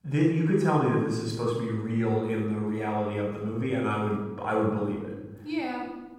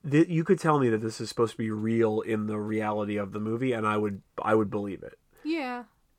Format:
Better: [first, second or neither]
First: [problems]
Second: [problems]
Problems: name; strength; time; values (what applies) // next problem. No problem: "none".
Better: second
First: off-mic speech; somewhat distant // room echo; noticeable; dies away in 1.1 s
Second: none